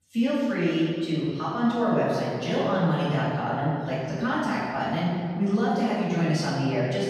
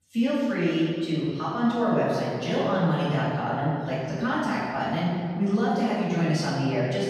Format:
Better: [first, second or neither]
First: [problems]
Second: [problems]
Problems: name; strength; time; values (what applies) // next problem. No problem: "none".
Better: neither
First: off-mic speech; far // room echo; strong; dies away in 1.9 s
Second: off-mic speech; far // room echo; strong; dies away in 1.9 s